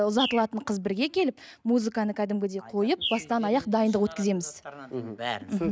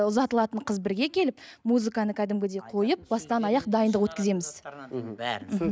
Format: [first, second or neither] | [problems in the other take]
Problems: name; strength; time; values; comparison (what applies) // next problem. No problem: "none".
second | background sound (Bird); 12 dB below the speech